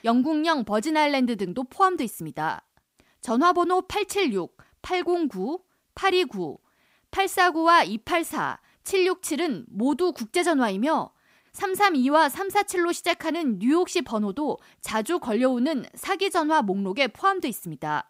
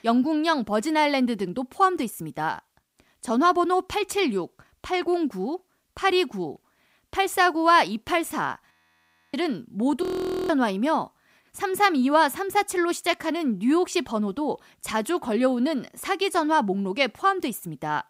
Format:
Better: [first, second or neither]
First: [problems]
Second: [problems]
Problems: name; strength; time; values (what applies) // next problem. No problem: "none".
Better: first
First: none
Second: audio freezing; at 8.5 s for 0.5 s and at 10 s